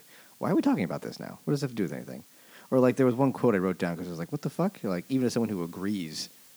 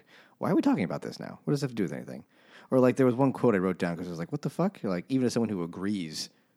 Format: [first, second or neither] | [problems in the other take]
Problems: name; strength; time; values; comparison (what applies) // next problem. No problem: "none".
second | hiss; faint; throughout; 25 dB below the speech